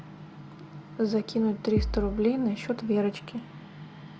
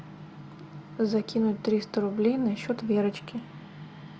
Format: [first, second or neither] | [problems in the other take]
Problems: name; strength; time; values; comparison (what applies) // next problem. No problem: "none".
second | background sound (Bass drum); as loud as the speech